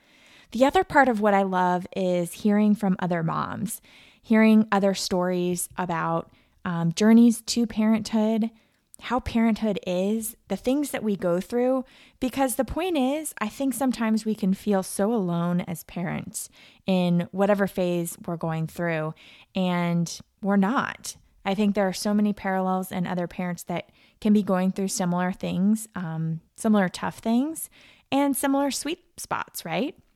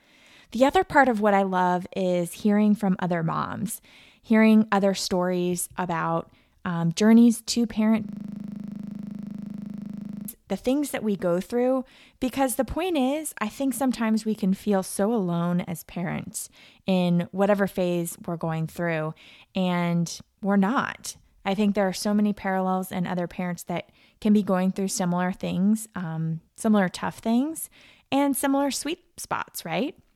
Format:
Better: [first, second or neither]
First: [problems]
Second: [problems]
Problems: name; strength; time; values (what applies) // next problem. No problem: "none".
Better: first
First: none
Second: audio freezing; at 8 s for 2 s